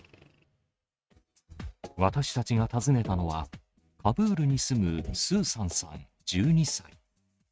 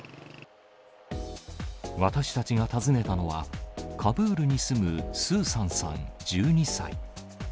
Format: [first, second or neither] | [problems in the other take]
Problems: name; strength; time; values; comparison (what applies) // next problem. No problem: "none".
second | noise reduction (neural mask model RNNoise)